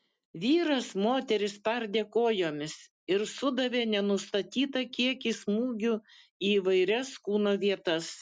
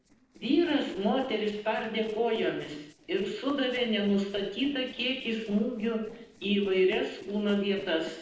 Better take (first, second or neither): first